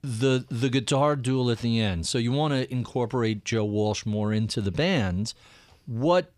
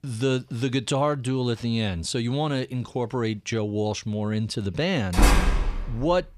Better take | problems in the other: first | door banging; loud; at 5 s; peak 6 dB above the speech

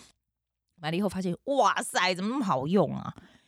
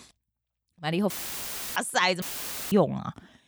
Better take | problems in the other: first | audio cutting out; filled with static; at 1 s for 0.5 s and at 2 s for 0.5 s

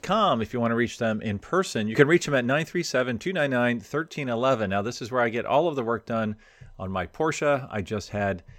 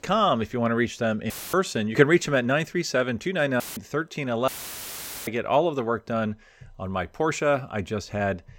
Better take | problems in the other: first | audio cutting out; filled with static; at 1.5 s, at 3.5 s and at 4.5 s for 1 s

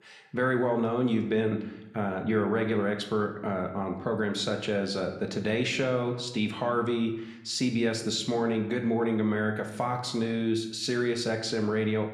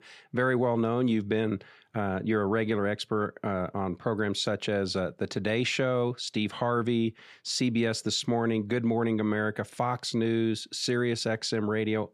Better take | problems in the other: second | room echo; slight; dies away in 0.7 s

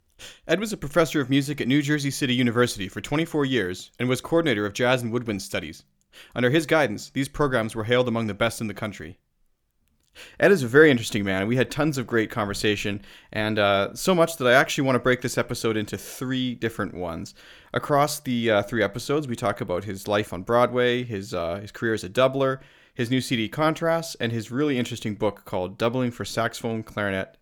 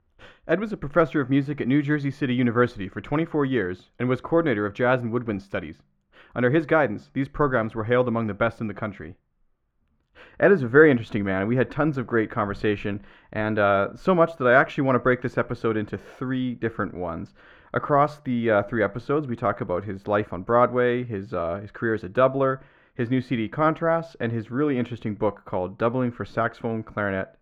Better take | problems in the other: first | muffled; very; fading above 4 kHz

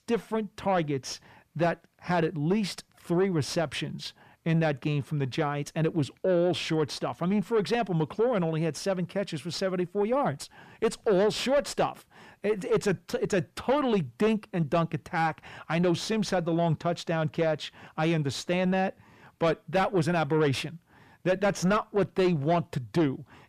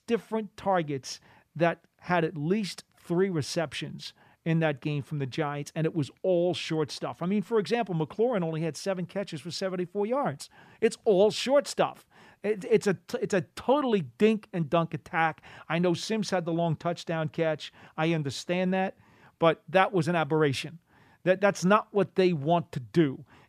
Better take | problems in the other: second | distortion; slight; 10 dB below the speech

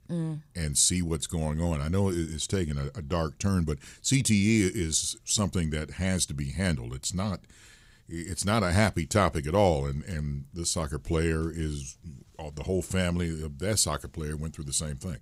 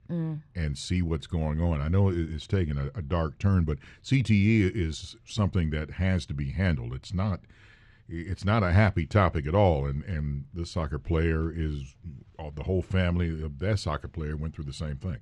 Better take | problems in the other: first | muffled; slightly; fading above 2.5 kHz

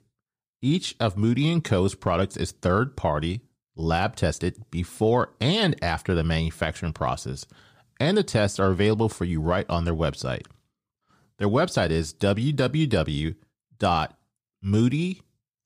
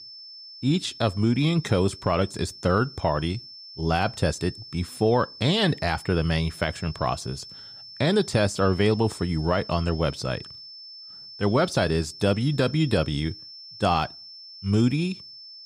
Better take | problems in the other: first | high-pitched whine; noticeable; throughout; 5.5 kHz, 15 dB below the speech

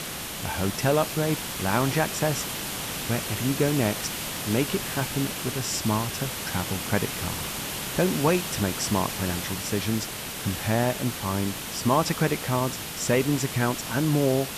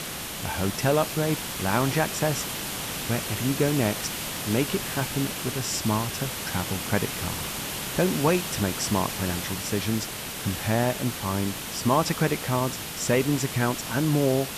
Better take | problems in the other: neither | hiss; loud; throughout; 4 dB below the speech; the same in both

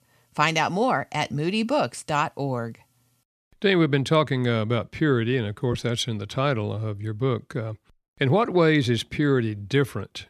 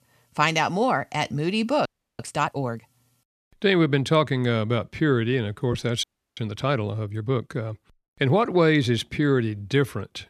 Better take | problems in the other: first | audio freezing; at 2 s and at 6 s

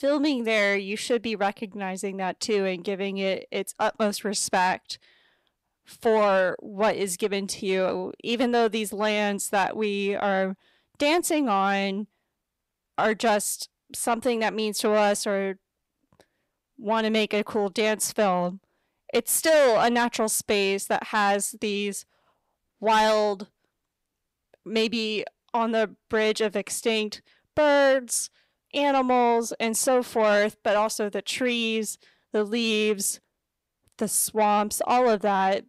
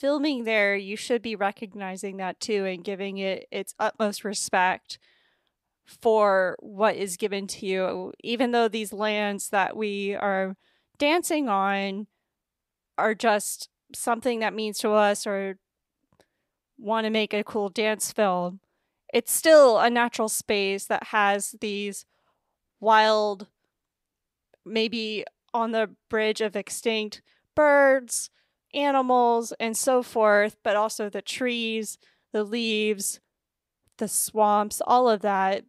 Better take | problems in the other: second | distortion; slight; 10 dB below the speech

